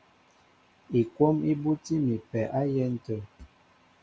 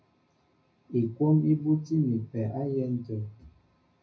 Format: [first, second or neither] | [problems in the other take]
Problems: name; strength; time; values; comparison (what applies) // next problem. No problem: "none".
first | room echo; dies away in 0.4 s